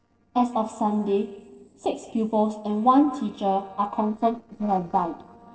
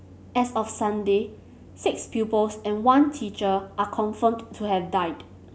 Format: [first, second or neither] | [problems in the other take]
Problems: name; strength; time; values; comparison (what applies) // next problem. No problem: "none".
second | noise reduction (neural separator model SepFormer DNS4)